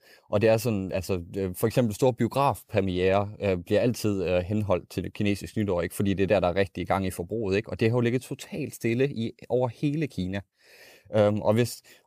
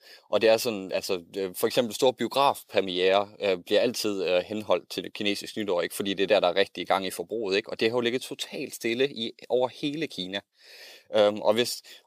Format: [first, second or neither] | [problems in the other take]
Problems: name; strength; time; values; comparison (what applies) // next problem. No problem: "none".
first | thin; somewhat; fading below 350 Hz